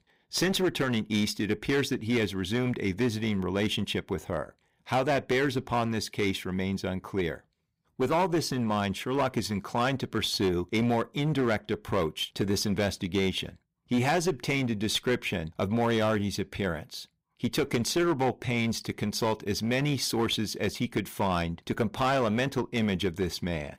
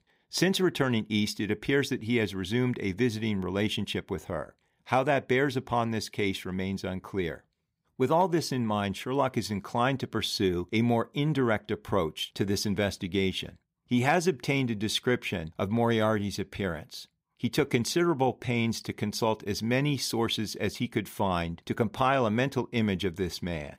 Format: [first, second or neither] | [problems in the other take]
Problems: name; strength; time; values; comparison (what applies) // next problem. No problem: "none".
second | distortion; slight; 9% of the sound clipped